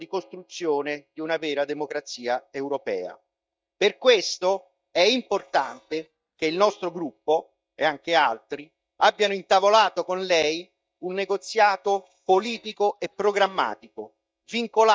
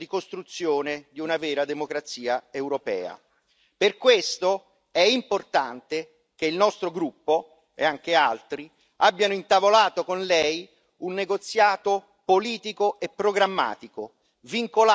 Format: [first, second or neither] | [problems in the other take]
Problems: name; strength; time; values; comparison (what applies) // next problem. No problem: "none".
second | noise reduction (neural mask model DeepFilterNet 3)